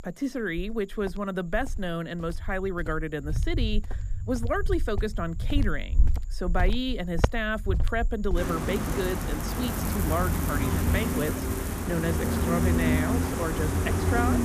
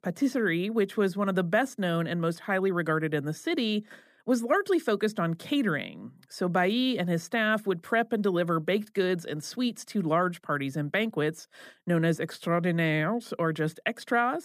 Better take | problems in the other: second | animal sounds; very loud; throughout; 2 dB above the speech

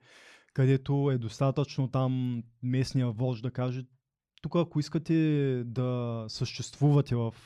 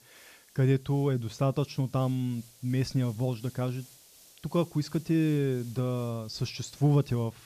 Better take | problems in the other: first | hiss; faint; throughout; 25 dB below the speech

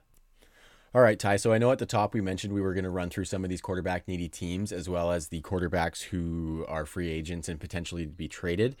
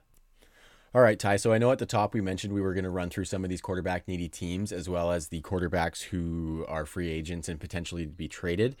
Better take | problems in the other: neither | none

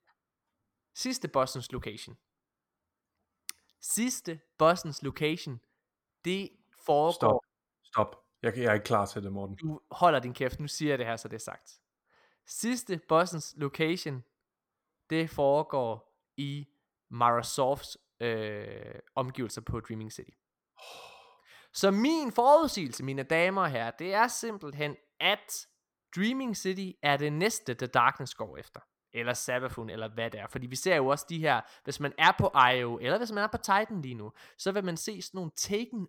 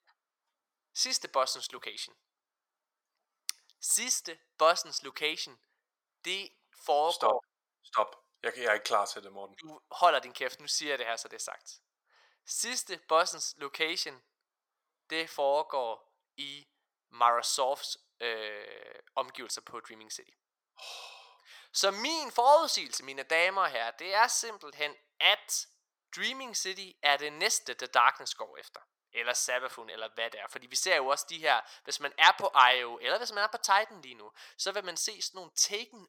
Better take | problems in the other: first | thin; very; fading below 700 Hz

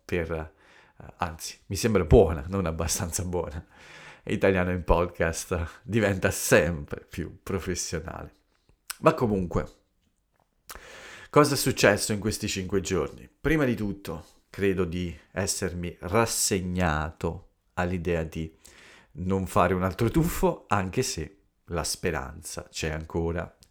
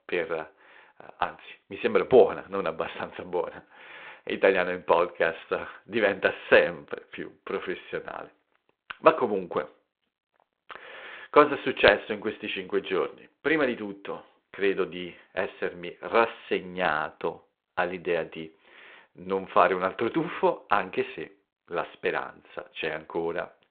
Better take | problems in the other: first | phone-call audio; nothing above 4 kHz

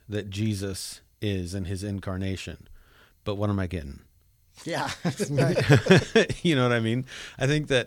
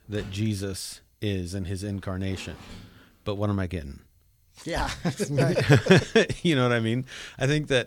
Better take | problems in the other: first | door banging; faint; until 5 s; peak 15 dB below the speech

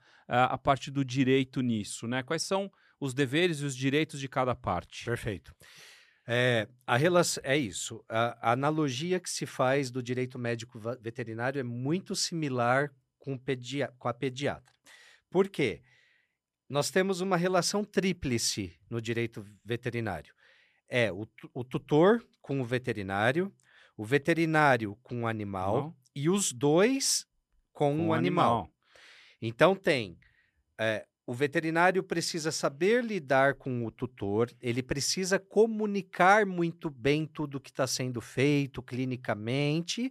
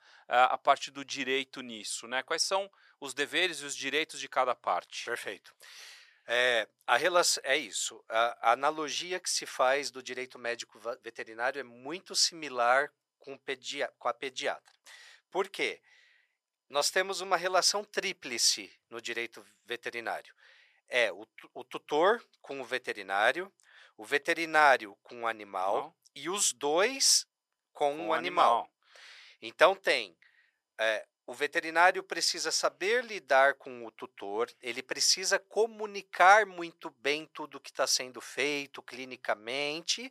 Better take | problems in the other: first | thin; very; fading below 700 Hz

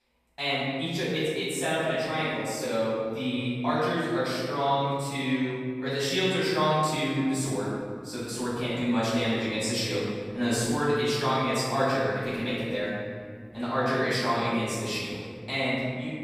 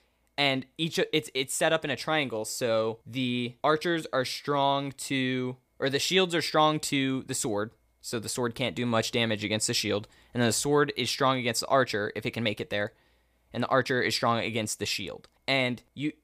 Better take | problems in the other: second | off-mic speech; far // room echo; strong; dies away in 1.9 s

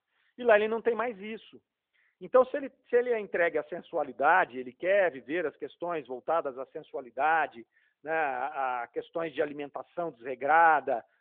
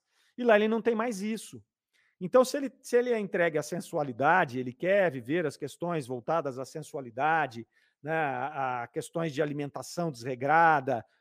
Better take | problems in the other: second | phone-call audio

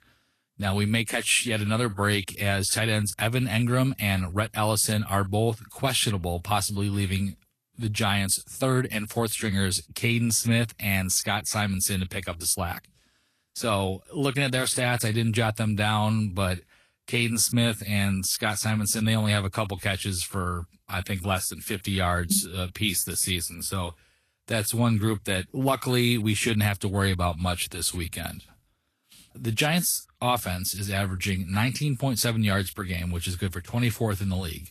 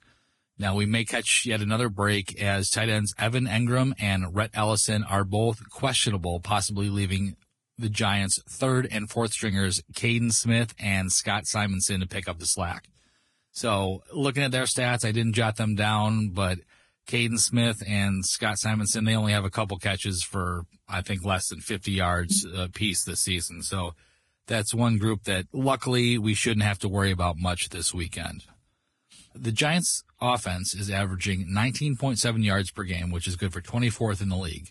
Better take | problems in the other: first | garbled, watery; badly; nothing above 10.5 kHz; slightly in the first

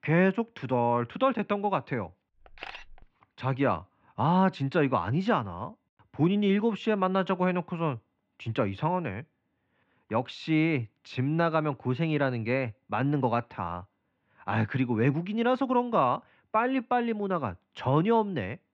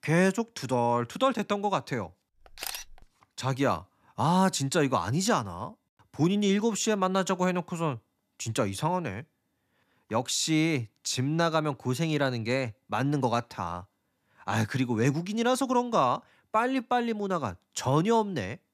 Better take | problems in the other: second | muffled; very; fading above 3 kHz

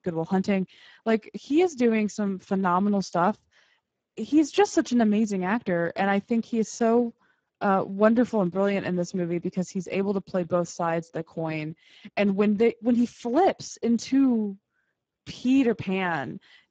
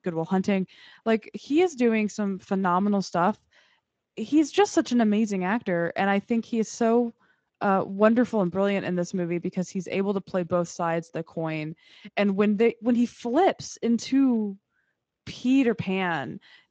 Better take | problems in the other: second | garbled, watery; badly; nothing above 7.5 kHz; slightly in the second

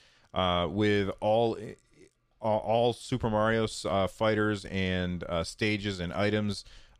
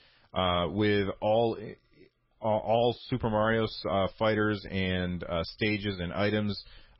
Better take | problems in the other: first | garbled, watery; badly; nothing above 5.5 kHz

